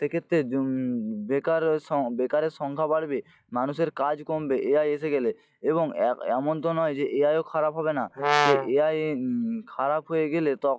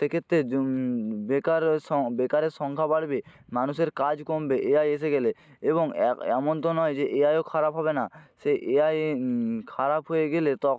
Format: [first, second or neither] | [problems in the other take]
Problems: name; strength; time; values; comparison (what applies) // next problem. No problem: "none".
second | noise reduction (classical method log-MMSE)